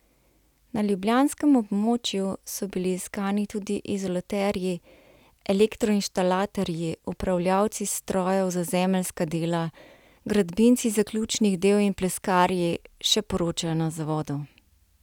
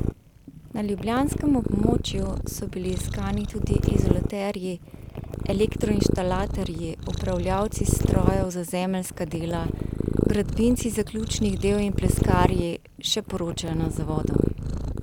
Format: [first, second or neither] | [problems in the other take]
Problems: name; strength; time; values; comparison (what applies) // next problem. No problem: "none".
first | background sound (Purr); 1 dB above the speech